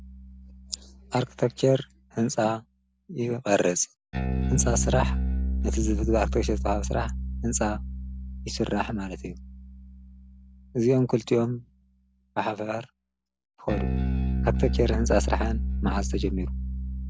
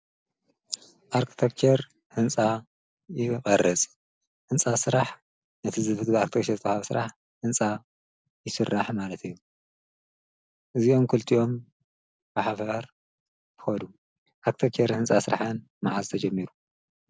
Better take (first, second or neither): second